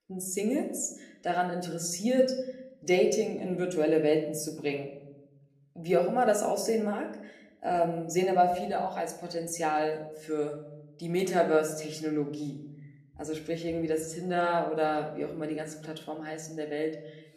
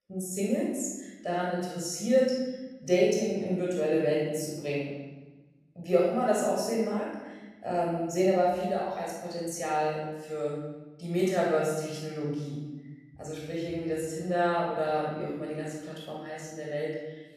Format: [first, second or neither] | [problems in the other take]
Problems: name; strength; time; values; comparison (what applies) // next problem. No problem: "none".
first | room echo; strong; dies away in 1.1 s; slight in the first // off-mic speech; far; somewhat distant in the first